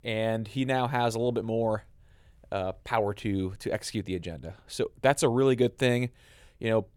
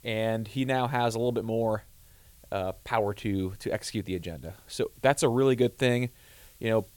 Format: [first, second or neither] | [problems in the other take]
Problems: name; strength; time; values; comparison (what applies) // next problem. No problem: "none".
first | hiss; faint; throughout; 30 dB below the speech